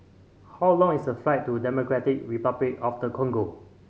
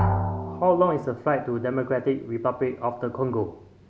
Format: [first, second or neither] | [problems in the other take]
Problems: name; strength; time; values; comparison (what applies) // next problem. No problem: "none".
first | background sound (Drum); 6 dB below the speech